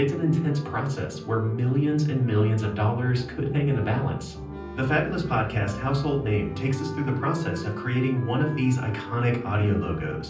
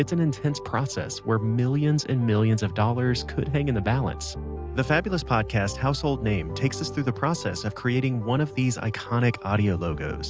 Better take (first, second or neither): second